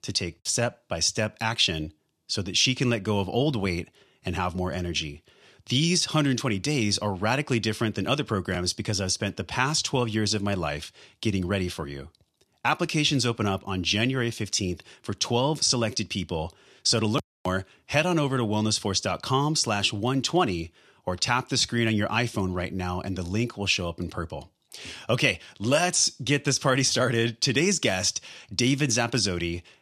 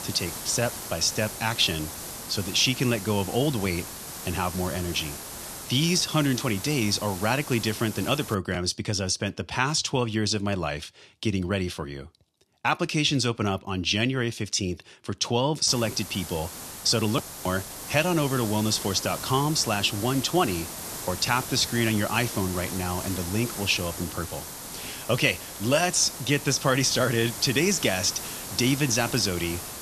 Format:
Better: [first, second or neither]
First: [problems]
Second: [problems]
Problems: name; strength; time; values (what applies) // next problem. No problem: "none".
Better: first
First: none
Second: hiss; loud; until 8.5 s and from 16 s on; 9 dB below the speech